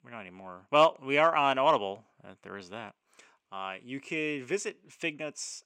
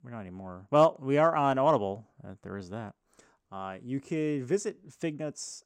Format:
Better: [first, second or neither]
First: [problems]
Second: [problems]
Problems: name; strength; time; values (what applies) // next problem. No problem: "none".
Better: second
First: thin; very slightly; fading below 850 Hz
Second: none